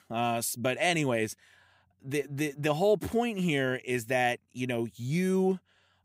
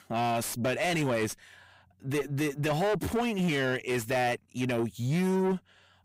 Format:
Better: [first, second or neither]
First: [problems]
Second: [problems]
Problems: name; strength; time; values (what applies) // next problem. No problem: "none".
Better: first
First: none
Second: distortion; heavy; 7 dB below the speech